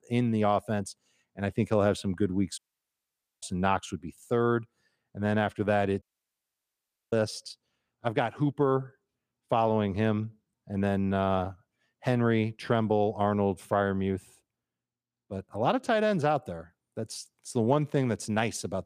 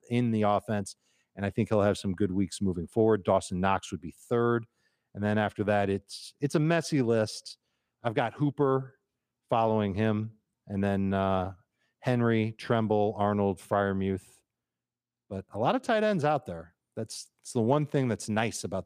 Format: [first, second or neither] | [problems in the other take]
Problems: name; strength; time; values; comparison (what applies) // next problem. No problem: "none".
second | audio cutting out; at 2.5 s for 1 s and at 6 s for 1 s